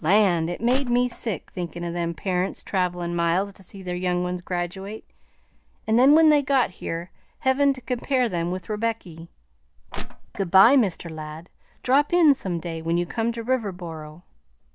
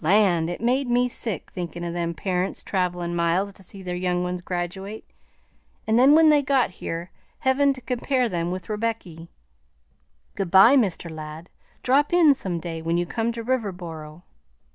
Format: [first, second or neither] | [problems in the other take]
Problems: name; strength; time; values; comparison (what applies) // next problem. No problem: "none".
second | background sound (Crushing); 2 dB below the speech